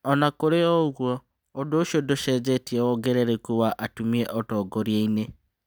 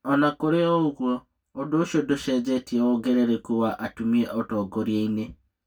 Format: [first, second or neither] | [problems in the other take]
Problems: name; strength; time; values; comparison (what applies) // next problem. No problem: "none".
first | room echo; dies away in 0.1 s